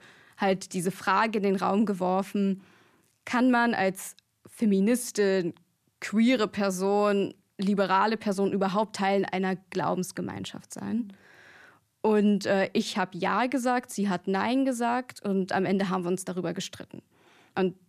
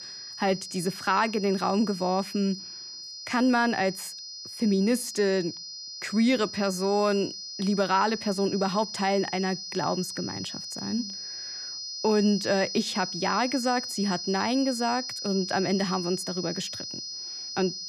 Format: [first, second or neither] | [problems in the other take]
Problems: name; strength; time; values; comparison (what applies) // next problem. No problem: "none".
first | high-pitched whine; loud; throughout; 5 kHz, 8 dB below the speech